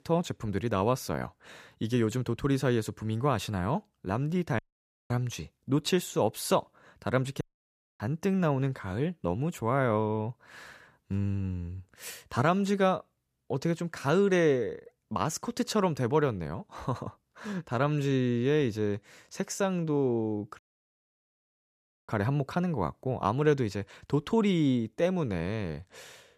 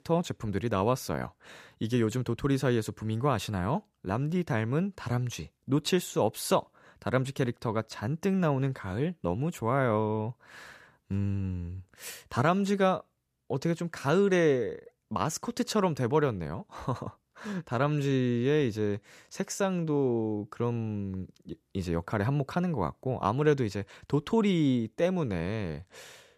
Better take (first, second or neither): second